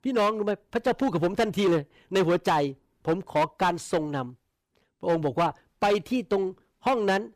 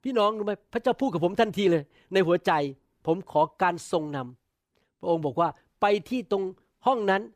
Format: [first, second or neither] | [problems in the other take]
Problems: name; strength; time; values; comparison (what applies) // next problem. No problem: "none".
second | distortion; slight; 8% of the sound clipped